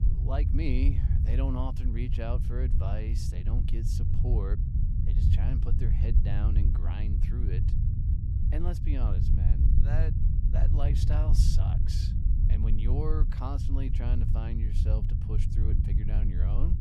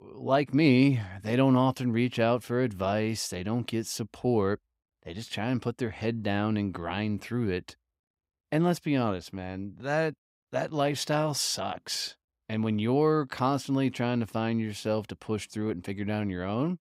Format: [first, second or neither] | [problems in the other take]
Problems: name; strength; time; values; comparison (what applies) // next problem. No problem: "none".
second | low rumble; loud; throughout; 2 dB below the speech